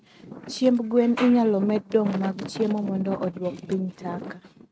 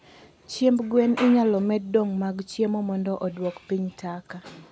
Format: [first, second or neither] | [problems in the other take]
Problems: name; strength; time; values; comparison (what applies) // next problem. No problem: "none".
second | noise reduction (neural mask model RNNoise)